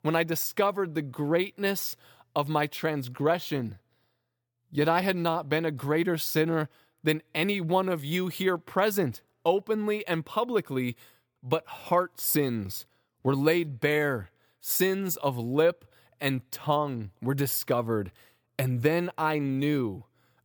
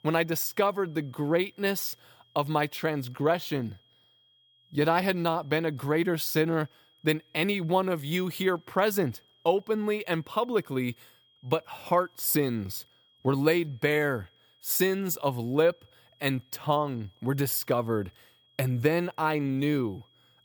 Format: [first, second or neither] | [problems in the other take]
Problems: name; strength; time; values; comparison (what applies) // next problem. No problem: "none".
first | high-pitched whine; faint; throughout; 3.5 kHz, 35 dB below the speech